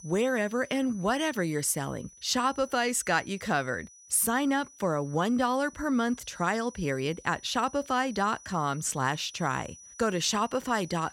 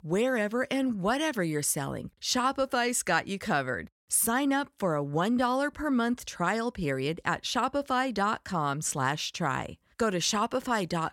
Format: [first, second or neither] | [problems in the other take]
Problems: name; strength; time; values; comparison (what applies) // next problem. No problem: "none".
second | high-pitched whine; faint; throughout; 6 kHz, 20 dB below the speech